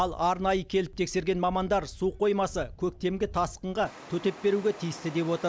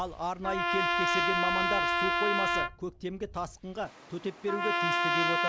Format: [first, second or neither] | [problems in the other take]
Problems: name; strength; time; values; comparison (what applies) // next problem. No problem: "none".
first | background sound (Trumpet); 5 dB above the speech